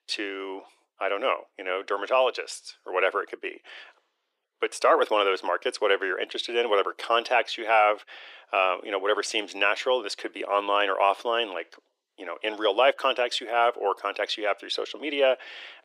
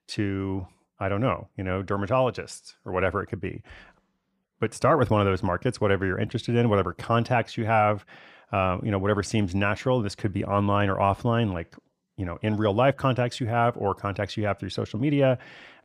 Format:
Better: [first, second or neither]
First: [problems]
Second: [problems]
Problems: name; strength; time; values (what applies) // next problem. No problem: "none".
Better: second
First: thin; very; fading below 350 Hz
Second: none